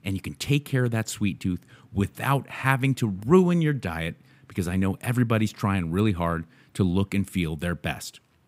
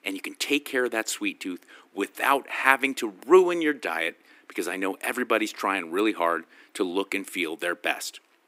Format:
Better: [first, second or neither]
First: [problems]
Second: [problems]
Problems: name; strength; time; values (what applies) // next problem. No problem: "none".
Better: first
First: none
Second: thin; very; fading below 300 Hz